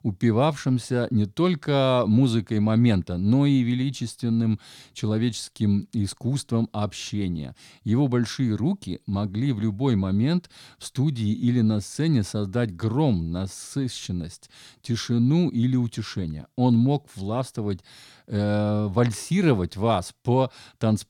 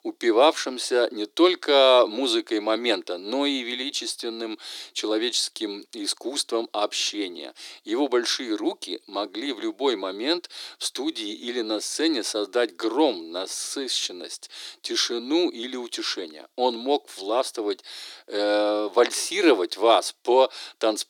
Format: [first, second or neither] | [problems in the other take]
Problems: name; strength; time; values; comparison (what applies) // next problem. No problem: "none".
first | thin; very; fading below 300 Hz